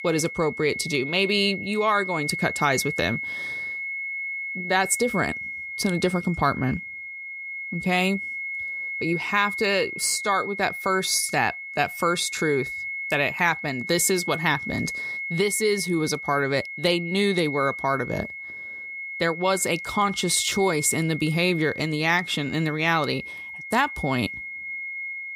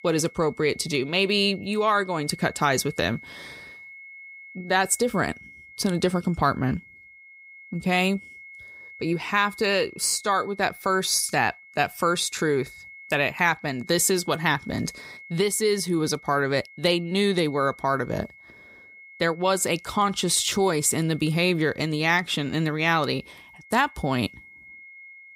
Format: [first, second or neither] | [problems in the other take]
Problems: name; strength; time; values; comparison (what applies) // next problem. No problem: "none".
second | high-pitched whine; loud; throughout; 2 kHz, 7 dB below the speech; faint in the second